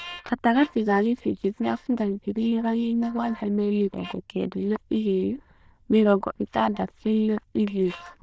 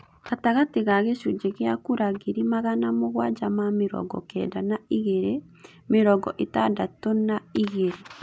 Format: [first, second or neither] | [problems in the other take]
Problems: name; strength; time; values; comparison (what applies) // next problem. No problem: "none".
second | noise reduction (neural diffusion model UNIVERSE++)